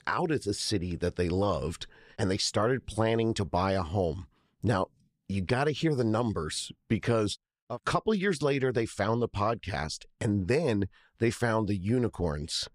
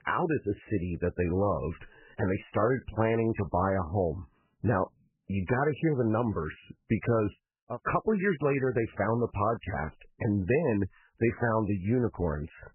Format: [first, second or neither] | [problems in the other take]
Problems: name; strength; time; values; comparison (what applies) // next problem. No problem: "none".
first | garbled, watery; badly; nothing above 3 kHz